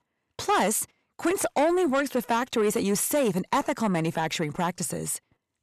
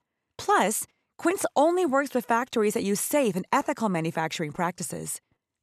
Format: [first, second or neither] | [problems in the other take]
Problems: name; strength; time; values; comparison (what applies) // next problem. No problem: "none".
second | distortion; slight; 10 dB below the speech